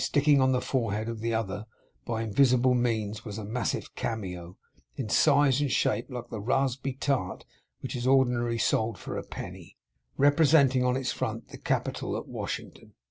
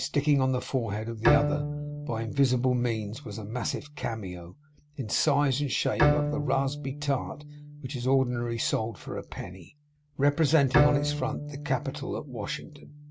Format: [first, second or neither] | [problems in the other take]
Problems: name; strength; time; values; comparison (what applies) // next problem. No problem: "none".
first | background sound (Bowed string instrument); 4 dB below the speech